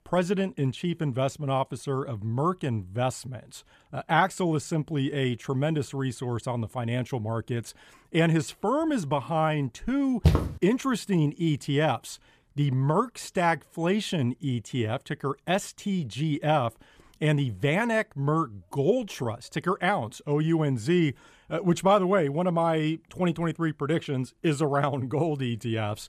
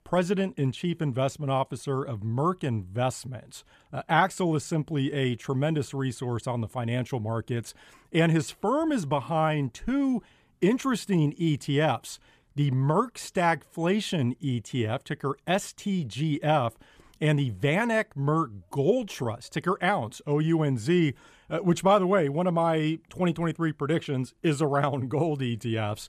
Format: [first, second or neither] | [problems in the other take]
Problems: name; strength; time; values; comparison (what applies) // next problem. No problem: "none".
second | footsteps; loud; at 10 s; peak 3 dB above the speech